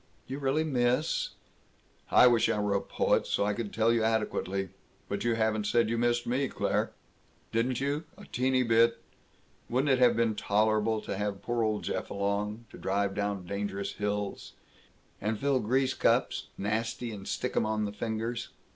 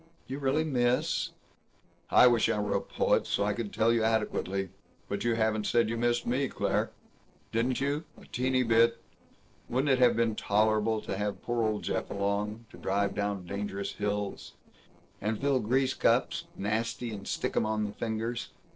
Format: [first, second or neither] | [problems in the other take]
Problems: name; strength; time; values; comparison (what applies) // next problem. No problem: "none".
first | noise reduction (neural separator model SepFormer DNS4)